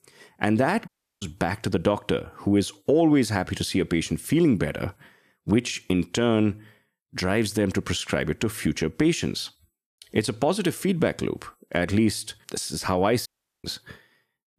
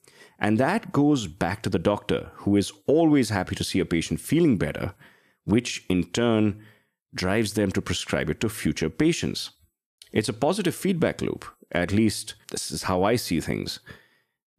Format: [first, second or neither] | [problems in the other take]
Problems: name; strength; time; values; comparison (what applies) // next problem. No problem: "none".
second | audio cutting out; at 1 s and at 13 s